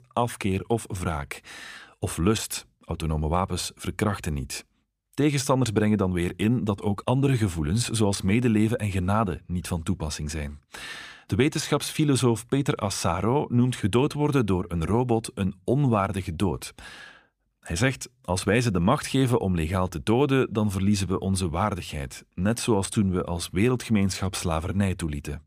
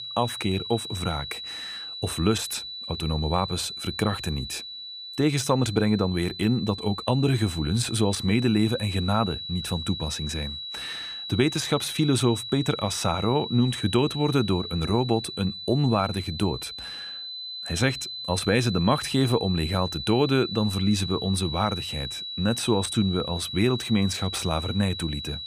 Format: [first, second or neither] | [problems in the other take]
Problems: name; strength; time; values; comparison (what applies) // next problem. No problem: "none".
first | high-pitched whine; loud; throughout; 4 kHz, 8 dB below the speech